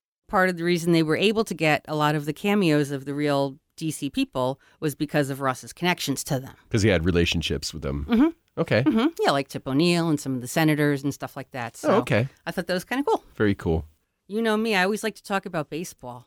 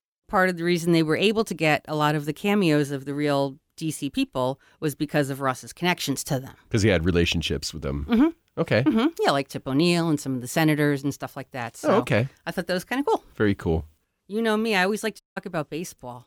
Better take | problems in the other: first | audio cutting out; at 15 s

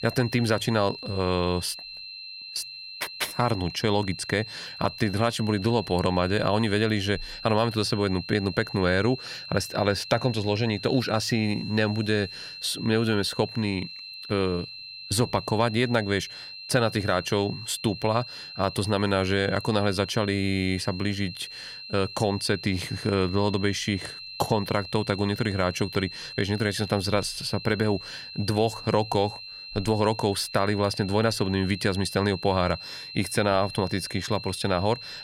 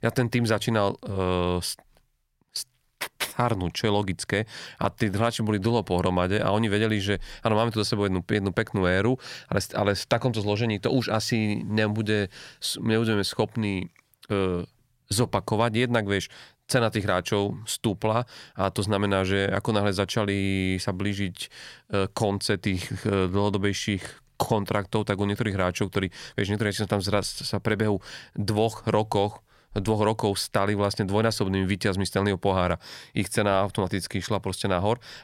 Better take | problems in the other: second | high-pitched whine; noticeable; throughout; 4 kHz, 10 dB below the speech

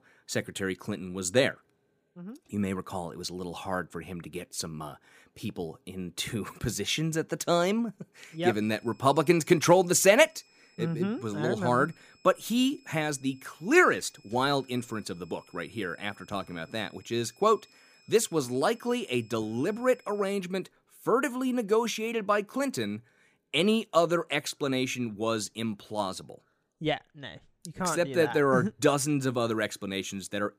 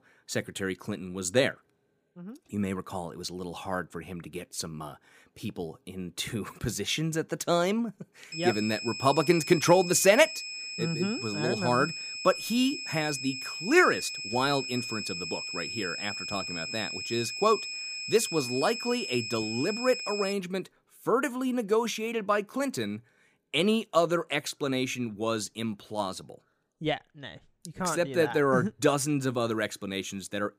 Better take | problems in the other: first | high-pitched whine; loud; from 8.5 to 20 s; 2.5 kHz, 6 dB below the speech; faint in the first

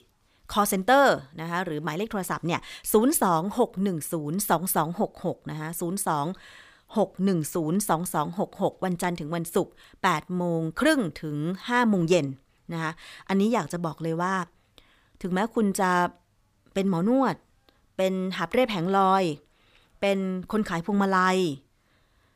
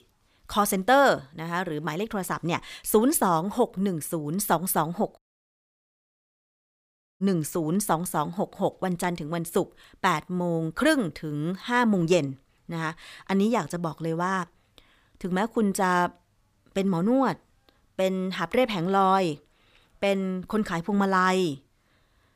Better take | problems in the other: first | audio cutting out; at 5 s for 2 s

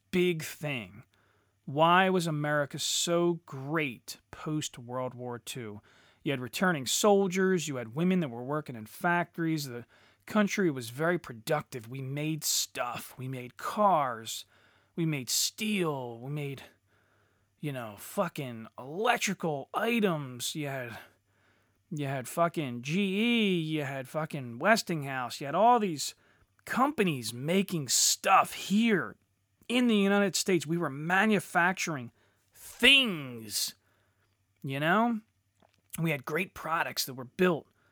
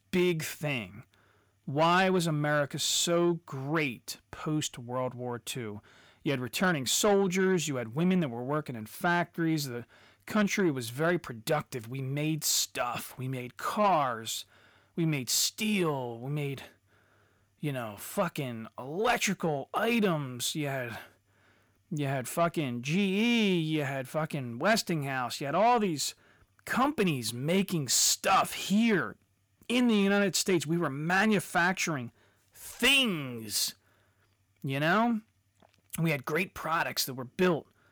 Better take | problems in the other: first | distortion; slight; 10 dB below the speech

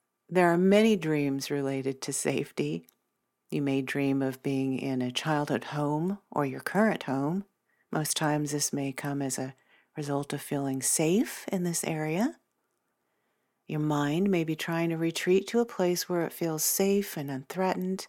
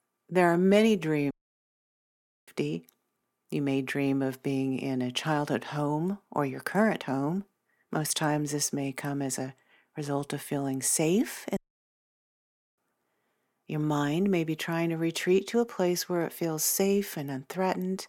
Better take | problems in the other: first | audio cutting out; at 1.5 s for 1 s and at 12 s for 1 s

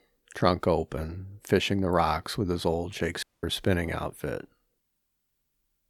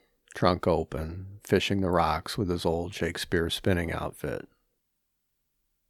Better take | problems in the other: second | audio cutting out; at 3 s

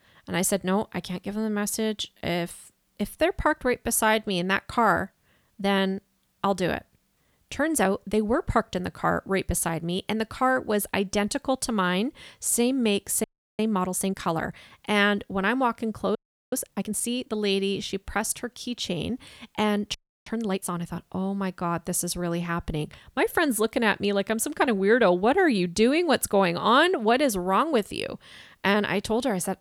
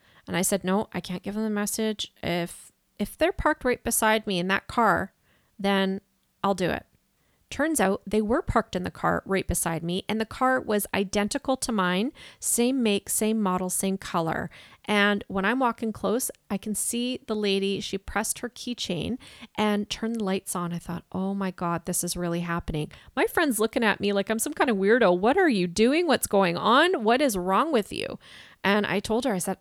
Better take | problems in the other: second | audio freezing; at 13 s, at 16 s and at 20 s

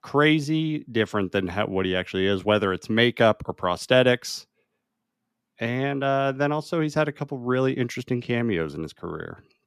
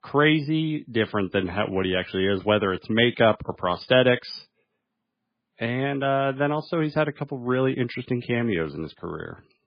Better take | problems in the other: first | garbled, watery; badly; nothing above 5 kHz

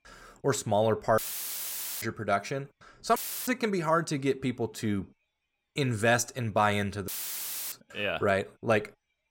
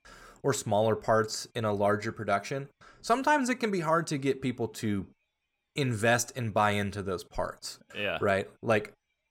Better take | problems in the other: second | audio cutting out; filled with static; at 1 s for 1 s, at 3 s and at 7 s for 0.5 s

